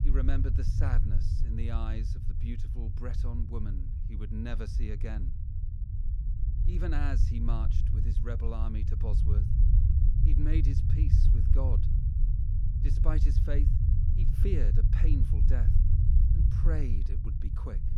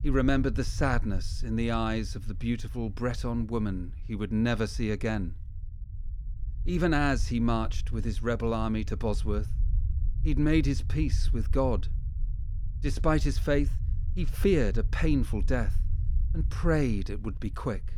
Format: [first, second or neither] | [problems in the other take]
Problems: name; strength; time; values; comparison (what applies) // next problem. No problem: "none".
second | low rumble; loud; throughout; 2 dB below the speech; faint in the second